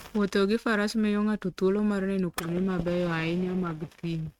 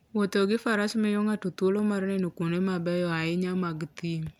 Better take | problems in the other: second | noise reduction (neural mask model RNNoise)

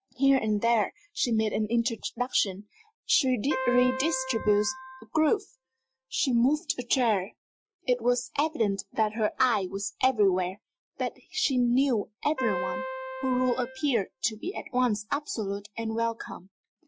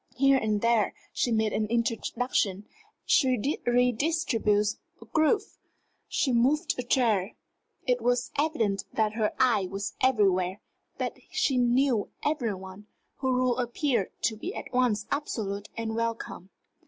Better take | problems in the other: second | noise reduction (classical method Wiener filter)

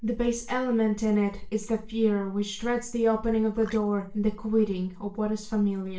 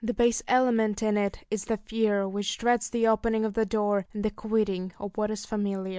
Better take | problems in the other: second | noise reduction (neural separator model SepFormer DNS4)

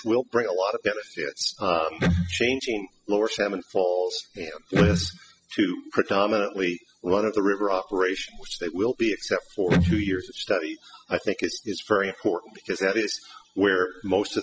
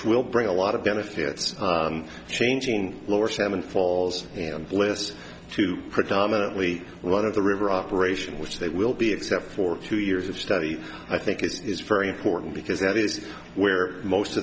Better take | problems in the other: second | noise reduction (classical method spectral subtraction)

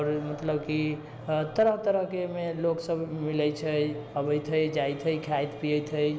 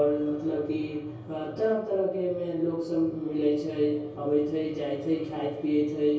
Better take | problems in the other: first | room echo; dies away in 0.6 s

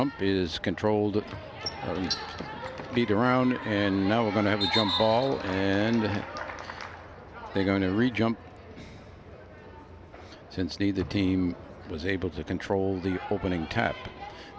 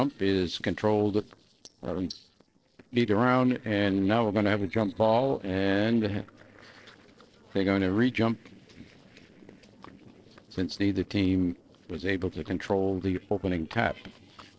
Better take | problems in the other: first | noise reduction (neural separator model SepFormer DNS4)

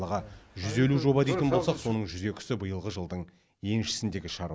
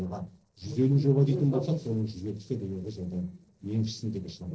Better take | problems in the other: first | noise reduction (neural separator model SepFormer DNS4)

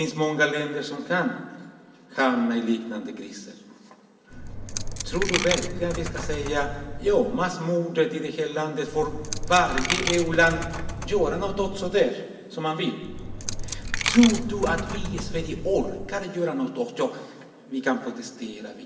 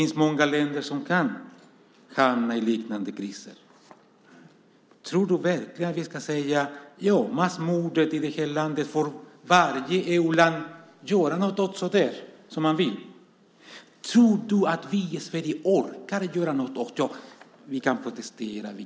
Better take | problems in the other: second | background sound (Coin (dropping)); 4 dB below the speech // room echo; dies away in 2.6 s

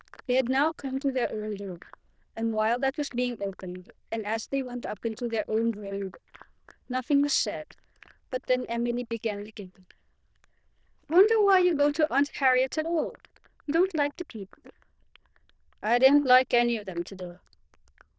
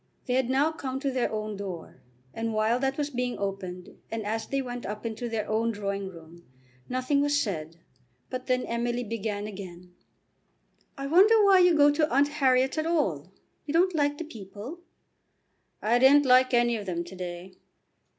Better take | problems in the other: second | noise reduction (neural diffusion model UNIVERSE++)

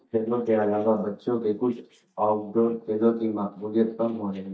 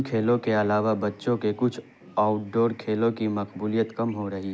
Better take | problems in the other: second | noise reduction (neural mask model DeepFilterNet 3)

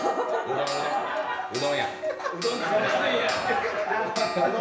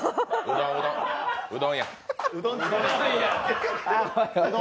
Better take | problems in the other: second | background sound (Clock); 6 dB below the speech // room echo; dies away in 1.1 s

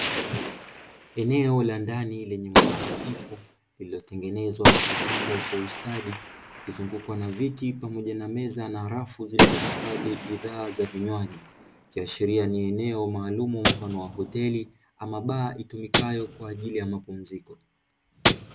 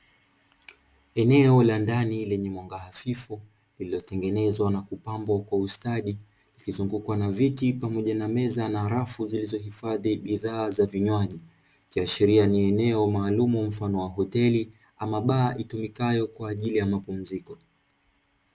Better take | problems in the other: second | background sound (Gunshot, gunfire); 1 dB above the speech

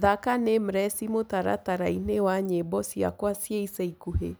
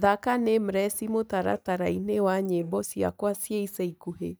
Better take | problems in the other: first | noise reduction (neural mask model DeepFilterNet 3)

